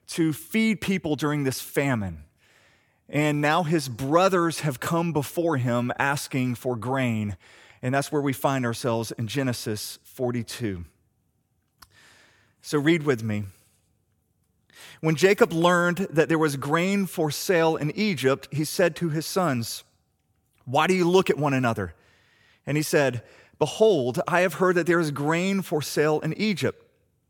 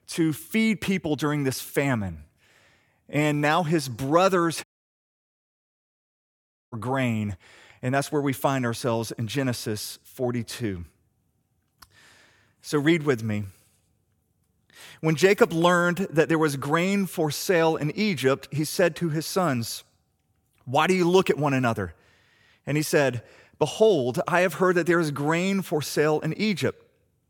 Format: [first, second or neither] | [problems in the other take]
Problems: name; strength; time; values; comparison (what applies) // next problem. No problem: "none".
first | audio cutting out; at 4.5 s for 2 s